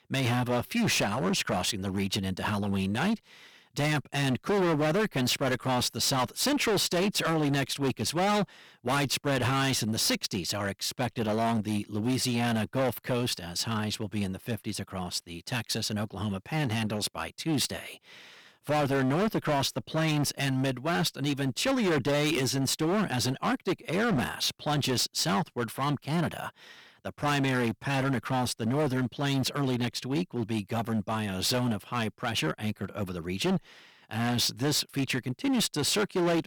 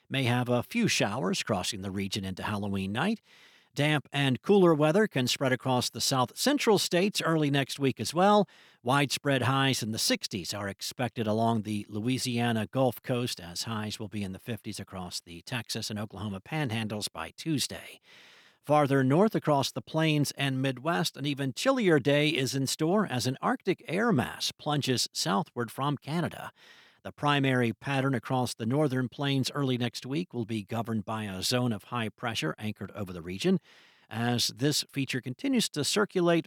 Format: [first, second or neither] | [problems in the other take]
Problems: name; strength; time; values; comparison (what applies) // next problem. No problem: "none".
second | distortion; heavy; 16% of the sound clipped